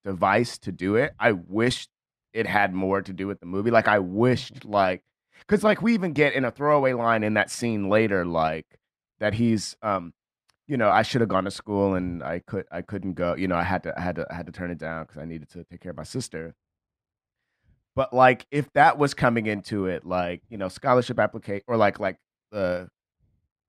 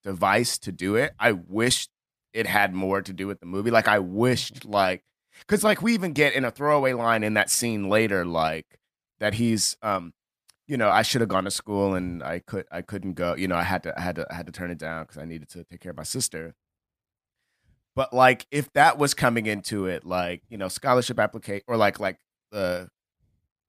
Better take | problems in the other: second | muffled; slightly; fading above 2 kHz

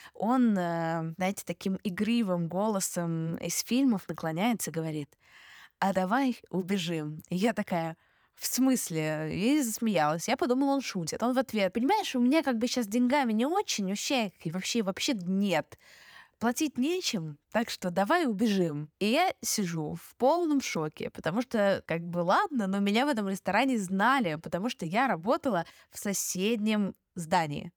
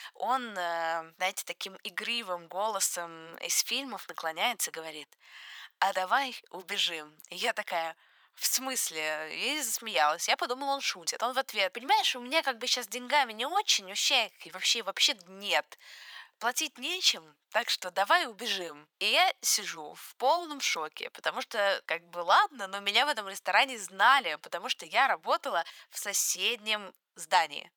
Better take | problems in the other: first | thin; very; fading below 900 Hz

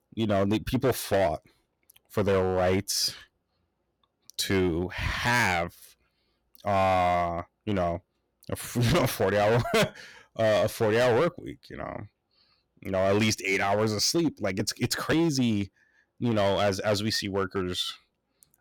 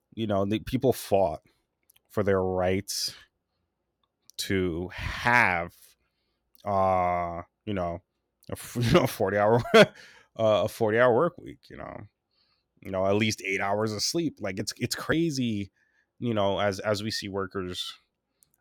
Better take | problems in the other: second | distortion; heavy; 9% of the sound clipped

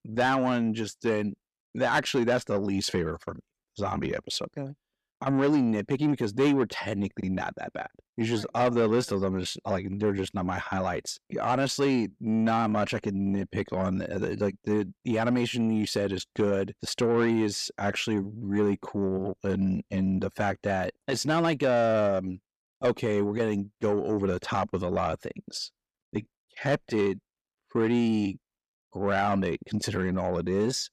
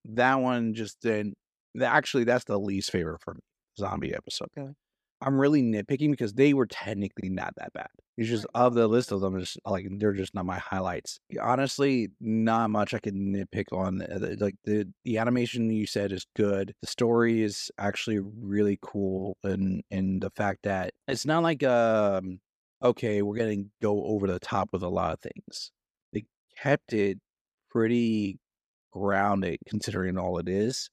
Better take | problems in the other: second | distortion; slight; 10 dB below the speech

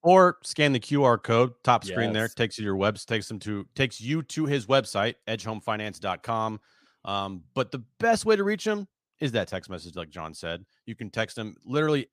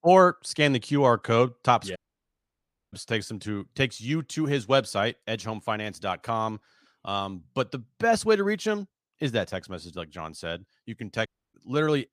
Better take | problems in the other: first | audio cutting out; at 2 s for 1 s and at 11 s

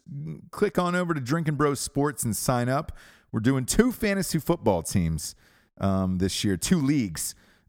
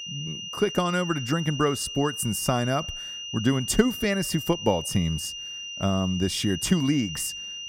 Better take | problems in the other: first | high-pitched whine; loud; throughout; 3 kHz, 8 dB below the speech

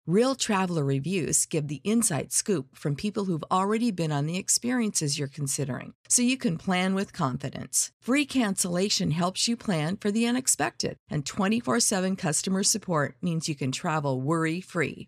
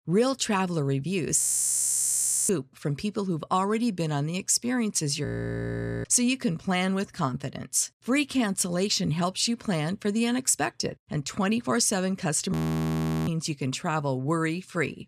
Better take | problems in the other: first | audio freezing; at 1.5 s for 1 s, at 5.5 s for 1 s and at 13 s for 0.5 s

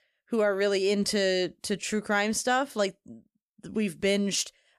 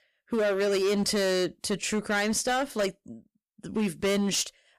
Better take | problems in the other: first | distortion; slight; 14% of the sound clipped

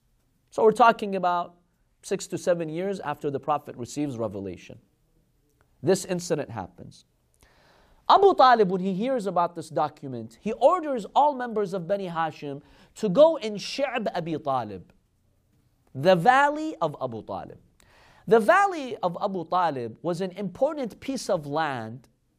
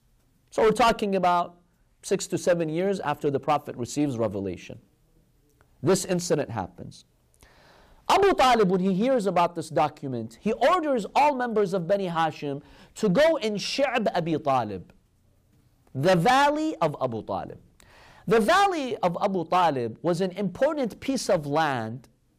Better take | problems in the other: first | distortion; heavy; 6% of the sound clipped

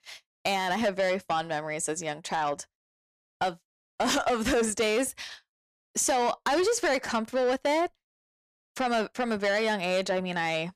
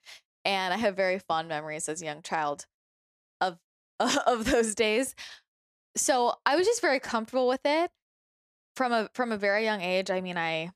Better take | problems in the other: second | distortion; slight; 10 dB below the speech

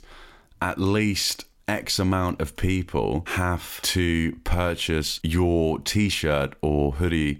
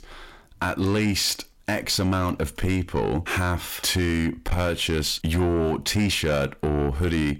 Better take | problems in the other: first | distortion; slight; 10 dB below the speech

